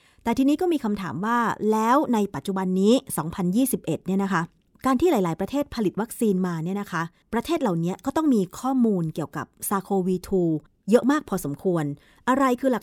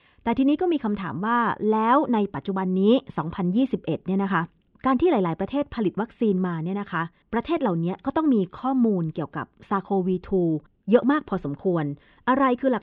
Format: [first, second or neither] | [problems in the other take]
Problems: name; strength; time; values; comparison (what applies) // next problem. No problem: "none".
first | muffled; very; fading above 3 kHz